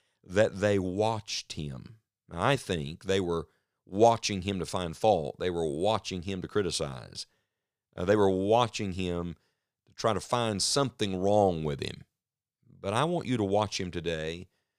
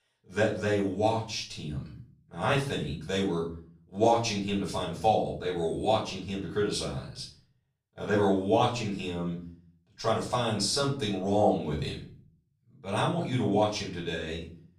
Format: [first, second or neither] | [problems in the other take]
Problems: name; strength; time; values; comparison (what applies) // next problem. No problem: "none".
first | off-mic speech; far // room echo; slight; dies away in 0.5 s